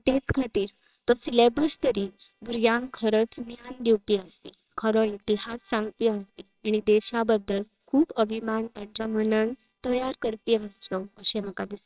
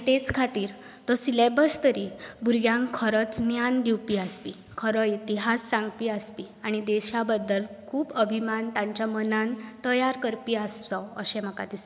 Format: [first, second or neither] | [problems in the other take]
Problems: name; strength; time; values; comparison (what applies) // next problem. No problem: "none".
second | noise reduction (neural separator model SepFormer WHAMR!)